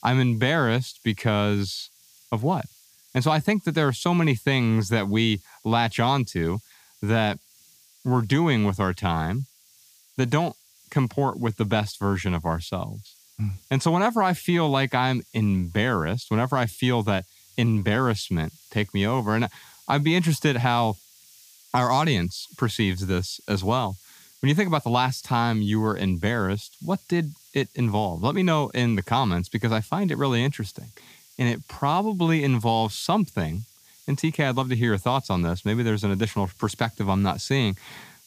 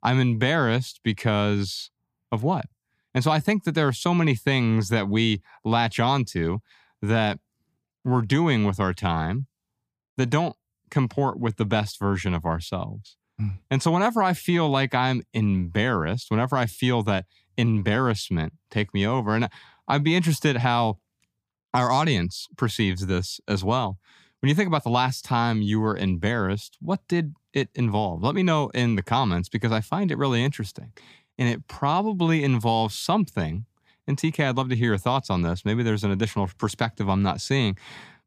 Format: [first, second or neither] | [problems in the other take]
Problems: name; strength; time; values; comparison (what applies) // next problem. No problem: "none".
second | hiss; faint; throughout; 25 dB below the speech